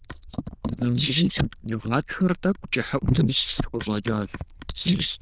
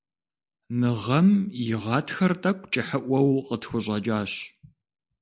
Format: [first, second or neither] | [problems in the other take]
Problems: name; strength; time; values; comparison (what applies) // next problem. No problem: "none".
second | noise reduction (neural diffusion model UNIVERSE++)